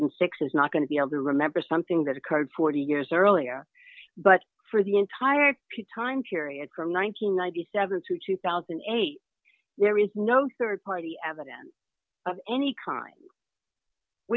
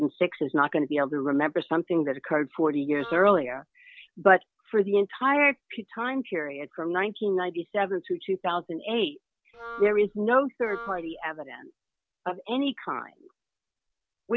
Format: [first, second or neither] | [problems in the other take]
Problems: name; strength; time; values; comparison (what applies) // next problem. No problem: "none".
first | background sound (Wind instrument, woodwind instrument); 16 dB below the speech